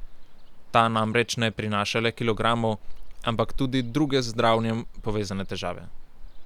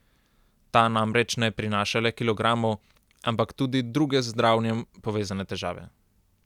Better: second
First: background sound (Ocean); 8 dB below the speech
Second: none

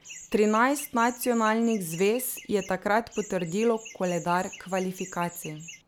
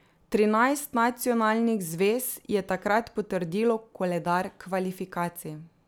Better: second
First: background sound (Chirp, tweet); 18 dB below the speech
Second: none

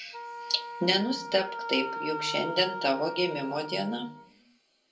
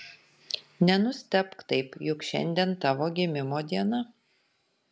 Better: second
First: background sound (Wind instrument, woodwind instrument); 8 dB below the speech // room echo; dies away in 0.2 s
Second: none

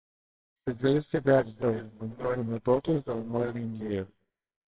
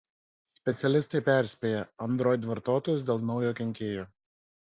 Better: second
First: noise reduction (neural separator model SepFormer WHAMR!)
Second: none

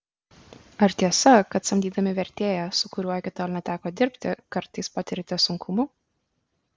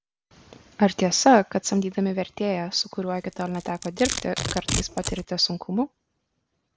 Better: first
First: none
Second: background sound (Domestic sounds, home sounds); 11 dB below the speech

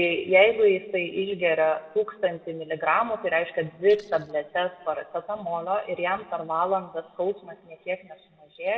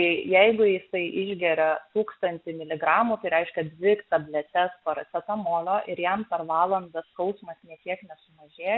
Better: second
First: noise reduction (neural separator model SepFormer DNS4)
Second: none

